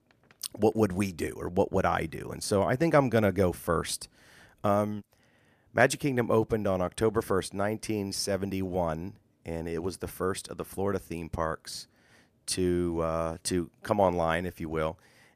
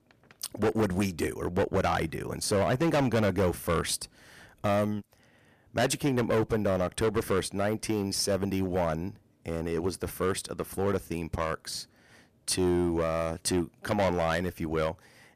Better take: first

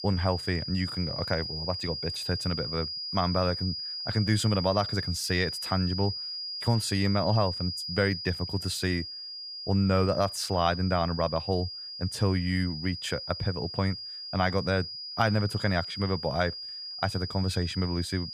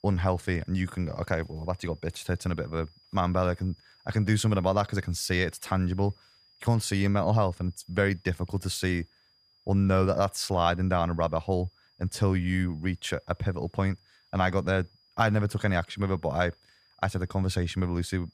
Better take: second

